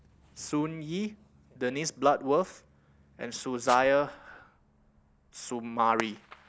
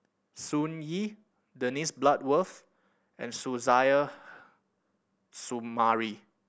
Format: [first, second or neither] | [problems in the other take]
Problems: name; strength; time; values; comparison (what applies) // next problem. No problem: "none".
second | background sound (Fireworks); 18 dB below the speech